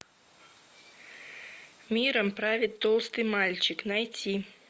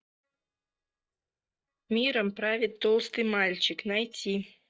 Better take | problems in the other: first | noise reduction (neural mask model DeepFilterNet 3)

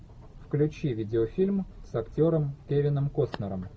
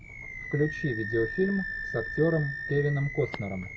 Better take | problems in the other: first | background sound (Animal); 8 dB below the speech

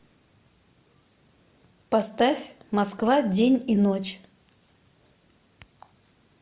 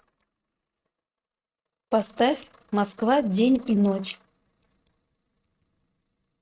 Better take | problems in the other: first | noise reduction (neural mask model RNNoise)

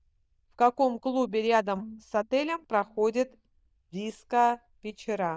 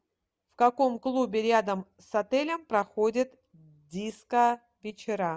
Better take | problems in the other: second | noise reduction (neural diffusion model UNIVERSE++)

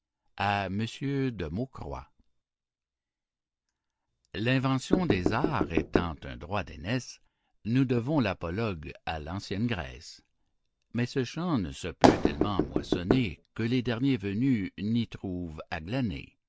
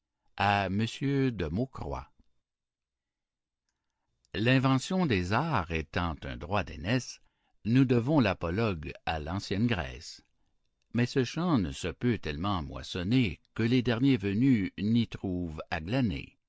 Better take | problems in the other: second | background sound (Knock / Wood + Fireworks); 4 dB above the speech

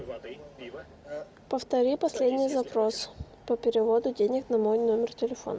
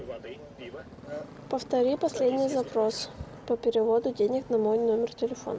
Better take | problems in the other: first | background sound (Motorcycle); 19 dB below the speech

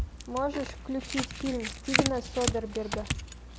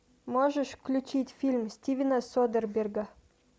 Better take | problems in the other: second | background sound (Chink, clink / Domestic sounds, home sounds); as loud as the speech

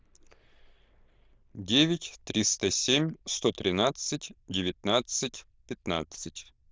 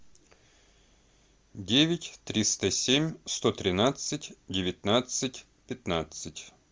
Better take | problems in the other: second | noise reduction (neural diffusion model UNIVERSE++)

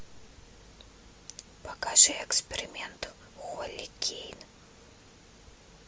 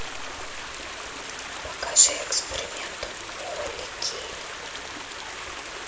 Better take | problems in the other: first | background sound (Stream); 7 dB below the speech // room echo; dies away in 1.2 s

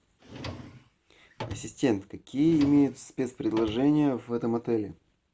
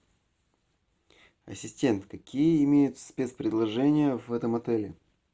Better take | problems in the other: second | background sound (Drawer open or close); 15 dB below the speech

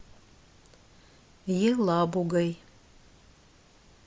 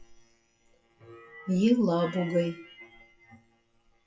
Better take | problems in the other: first | noise reduction (classical method WPE with log-MMSE)

